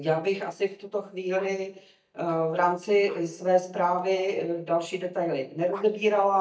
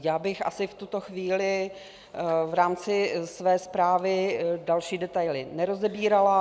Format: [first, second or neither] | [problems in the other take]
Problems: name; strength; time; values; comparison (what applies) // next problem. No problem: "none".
second | noise reduction (neural mask model DeepFilterNet 3)